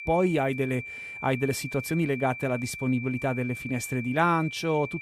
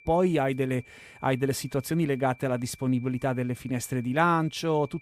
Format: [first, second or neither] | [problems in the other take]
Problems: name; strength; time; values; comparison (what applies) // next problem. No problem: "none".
second | high-pitched whine; loud; throughout; 2.5 kHz, 9 dB below the speech; faint in the second